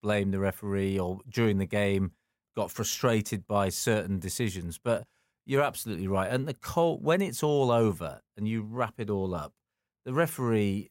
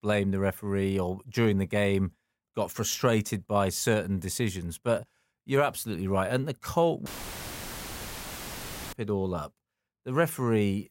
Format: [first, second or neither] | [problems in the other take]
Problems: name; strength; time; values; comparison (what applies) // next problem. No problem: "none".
first | audio cutting out; filled with static; at 7 s for 2 s